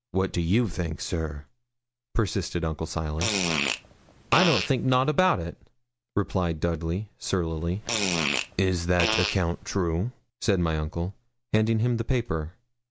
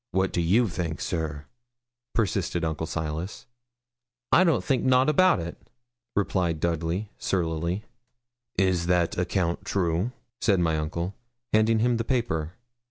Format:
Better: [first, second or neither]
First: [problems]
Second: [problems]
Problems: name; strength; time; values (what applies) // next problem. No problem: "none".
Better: second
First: background sound (Fart); 3 dB below the speech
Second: none